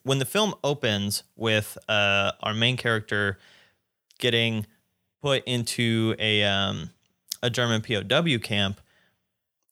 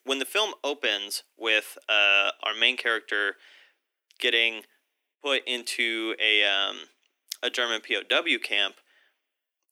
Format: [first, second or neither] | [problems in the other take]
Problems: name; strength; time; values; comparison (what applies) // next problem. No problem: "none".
first | thin; very; fading below 250 Hz